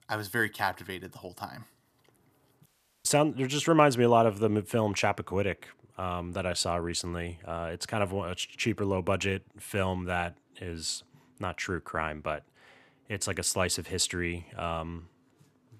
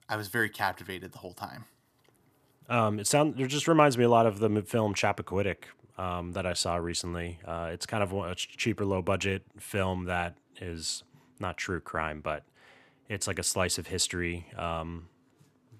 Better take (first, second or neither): second